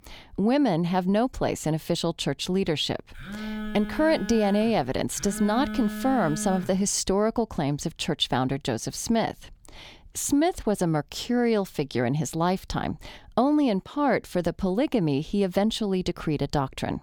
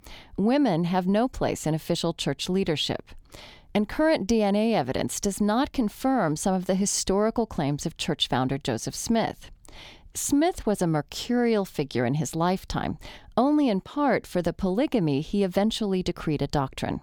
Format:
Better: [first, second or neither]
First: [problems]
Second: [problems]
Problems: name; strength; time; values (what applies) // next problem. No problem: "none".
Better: second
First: phone ringing; noticeable; from 3 to 7 s; peak 7 dB below the speech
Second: none